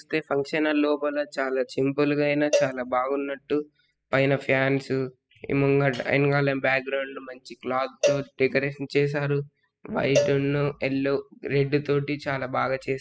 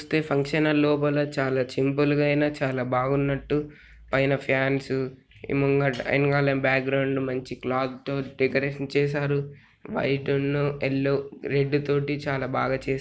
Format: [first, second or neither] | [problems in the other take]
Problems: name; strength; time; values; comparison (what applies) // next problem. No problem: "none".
second | noise reduction (classical method spectral subtraction)